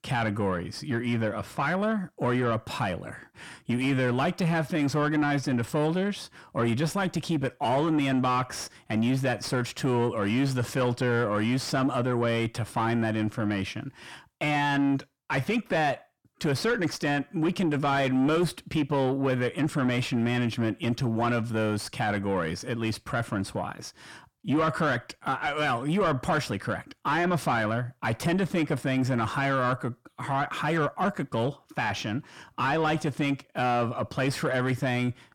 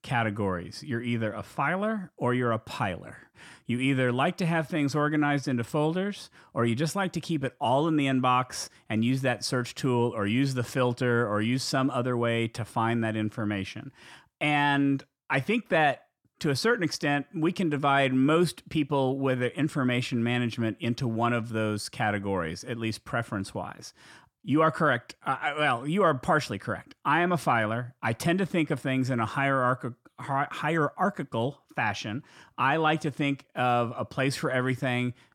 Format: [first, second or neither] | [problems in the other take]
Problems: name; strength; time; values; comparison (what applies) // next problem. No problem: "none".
second | distortion; slight; 10 dB below the speech